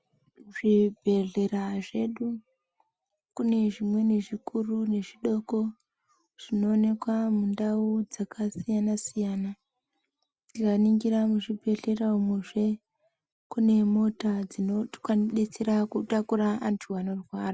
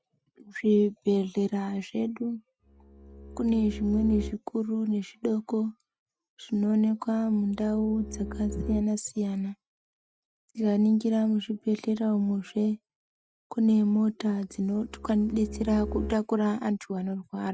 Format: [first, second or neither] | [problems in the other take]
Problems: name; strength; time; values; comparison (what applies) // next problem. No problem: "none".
first | noise reduction (neural mask model RNNoise)